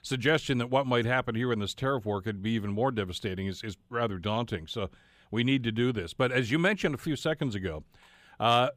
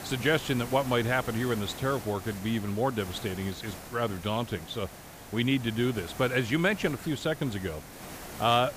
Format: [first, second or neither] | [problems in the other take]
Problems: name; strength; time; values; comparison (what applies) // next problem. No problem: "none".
first | hiss; noticeable; throughout; 15 dB below the speech